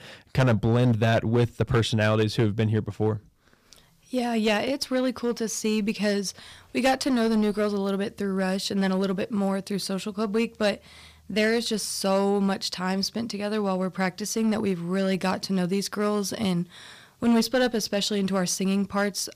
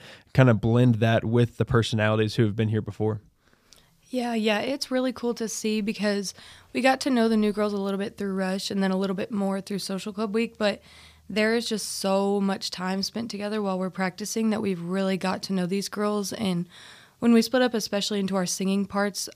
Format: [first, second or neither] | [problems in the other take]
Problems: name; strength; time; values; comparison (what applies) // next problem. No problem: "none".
second | distortion; slight; 6% of the sound clipped